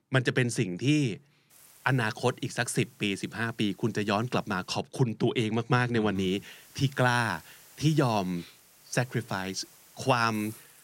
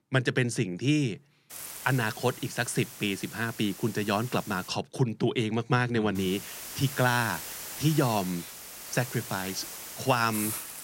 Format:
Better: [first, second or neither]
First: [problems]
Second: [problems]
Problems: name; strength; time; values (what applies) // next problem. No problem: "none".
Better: first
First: hiss; faint; from 1.5 to 4.5 s and from 6 s on; 25 dB below the speech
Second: hiss; loud; from 1.5 to 4.5 s and from 6 s on; 10 dB below the speech